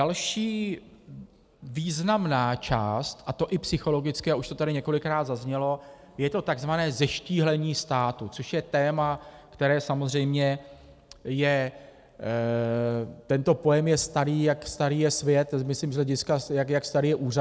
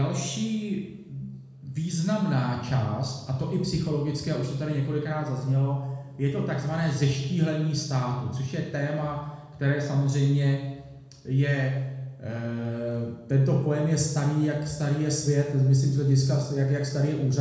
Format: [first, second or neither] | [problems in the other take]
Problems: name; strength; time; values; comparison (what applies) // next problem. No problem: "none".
first | room echo; dies away in 1 s